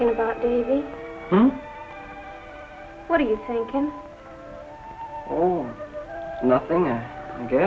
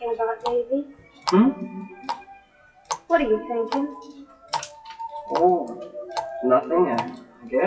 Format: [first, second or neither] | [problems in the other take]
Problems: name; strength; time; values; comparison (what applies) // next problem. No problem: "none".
first | noise reduction (classical method WPE with log-MMSE)